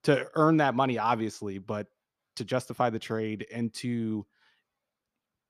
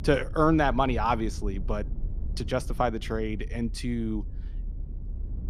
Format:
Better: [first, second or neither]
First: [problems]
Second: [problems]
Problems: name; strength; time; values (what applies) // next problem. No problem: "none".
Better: first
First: none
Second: low rumble; faint; throughout; 25 dB below the speech